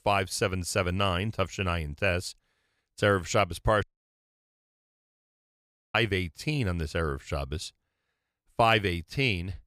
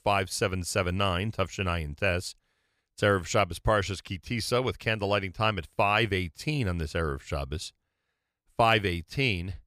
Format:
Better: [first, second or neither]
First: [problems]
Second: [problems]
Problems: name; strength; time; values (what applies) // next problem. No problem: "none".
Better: second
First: audio cutting out; at 4 s for 2 s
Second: none